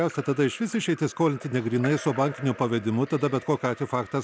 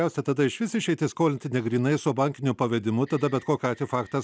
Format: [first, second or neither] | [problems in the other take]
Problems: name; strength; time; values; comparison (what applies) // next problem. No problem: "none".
second | background sound (Drip / Trickle, dribble / Splash, splatter); 18 dB below the speech